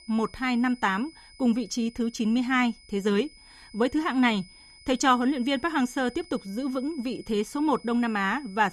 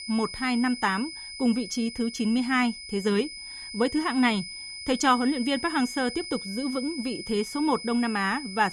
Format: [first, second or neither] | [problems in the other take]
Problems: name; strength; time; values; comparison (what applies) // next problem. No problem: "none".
first | high-pitched whine; loud; throughout; 5 kHz, 10 dB below the speech; faint in the first